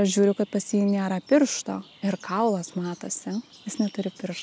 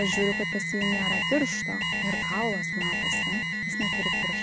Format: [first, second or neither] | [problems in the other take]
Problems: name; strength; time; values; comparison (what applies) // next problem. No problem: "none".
first | background sound (Alarm); 3 dB above the speech